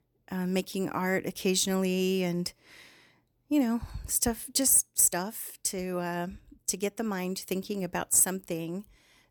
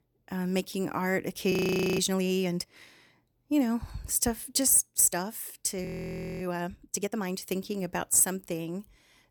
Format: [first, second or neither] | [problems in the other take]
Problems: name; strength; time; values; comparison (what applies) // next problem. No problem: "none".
first | audio freezing; at 1.5 s and at 6 s for 0.5 s